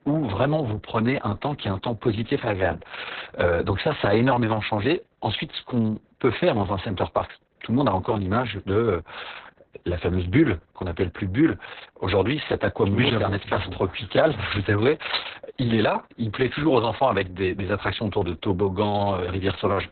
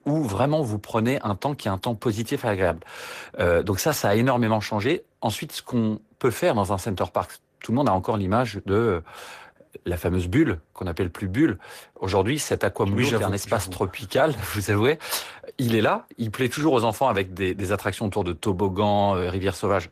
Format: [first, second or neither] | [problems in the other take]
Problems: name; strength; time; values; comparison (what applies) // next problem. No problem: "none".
second | garbled, watery; badly; nothing above 4 kHz; slightly in the second